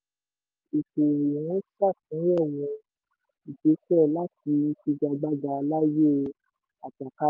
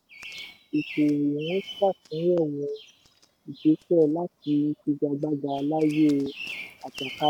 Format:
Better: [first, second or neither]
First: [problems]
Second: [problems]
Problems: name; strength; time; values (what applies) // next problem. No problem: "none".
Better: first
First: none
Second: background sound (Bird vocalization, bird call, bird song); 17 dB below the speech